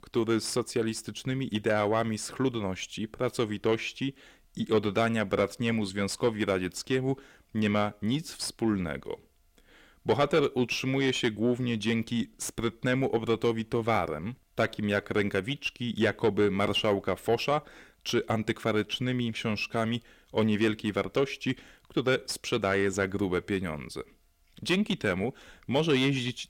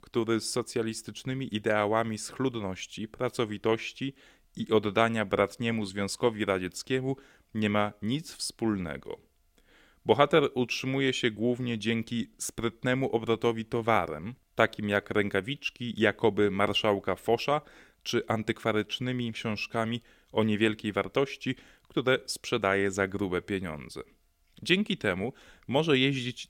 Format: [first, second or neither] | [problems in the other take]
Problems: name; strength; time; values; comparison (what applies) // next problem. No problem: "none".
second | distortion; slight; 10 dB below the speech